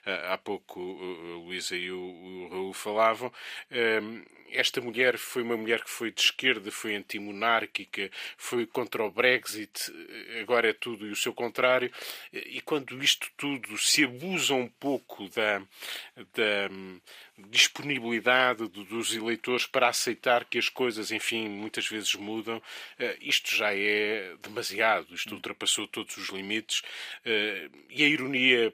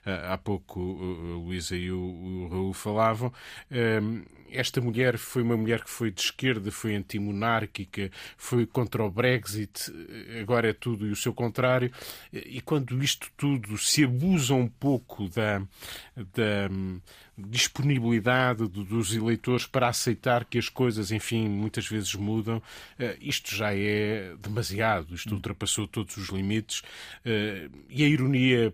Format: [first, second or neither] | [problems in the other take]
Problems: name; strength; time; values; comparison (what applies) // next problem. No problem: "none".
second | thin; somewhat; fading below 400 Hz